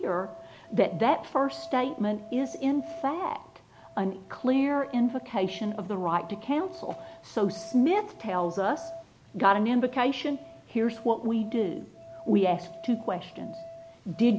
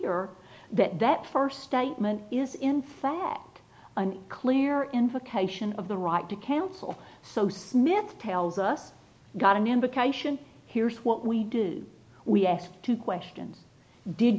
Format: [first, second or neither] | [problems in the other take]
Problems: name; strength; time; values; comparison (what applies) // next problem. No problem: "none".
second | background sound (Musical instrument); 18 dB below the speech